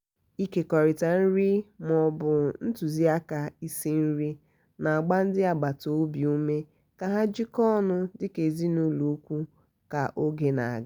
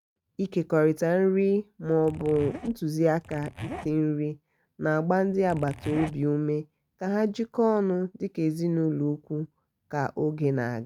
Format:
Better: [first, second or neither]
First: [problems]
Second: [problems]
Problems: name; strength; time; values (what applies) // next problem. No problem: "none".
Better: first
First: none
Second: noise reduction (neural mask model RNNoise)